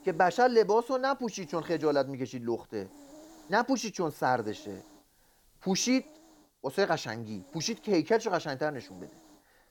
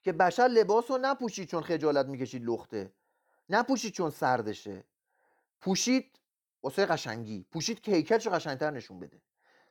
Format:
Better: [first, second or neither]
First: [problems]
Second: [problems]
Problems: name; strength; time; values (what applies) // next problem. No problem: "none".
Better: second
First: hiss; faint; throughout; 25 dB below the speech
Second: none